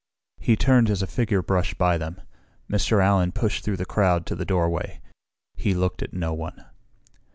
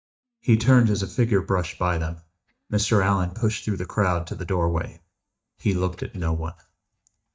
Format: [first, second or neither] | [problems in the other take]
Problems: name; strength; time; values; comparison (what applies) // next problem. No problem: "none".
first | noise reduction (neural mask model DeepFilterNet 3)